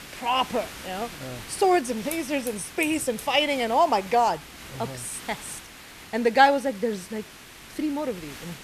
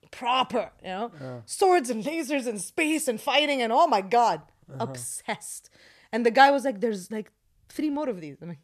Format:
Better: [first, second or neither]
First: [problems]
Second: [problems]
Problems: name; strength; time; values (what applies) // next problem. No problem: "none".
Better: second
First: hiss; noticeable; throughout; 15 dB below the speech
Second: none